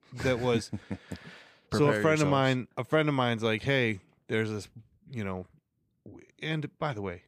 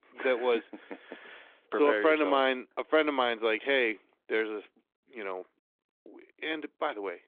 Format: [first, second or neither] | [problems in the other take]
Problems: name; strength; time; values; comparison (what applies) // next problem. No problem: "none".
first | phone-call audio; nothing above 3.5 kHz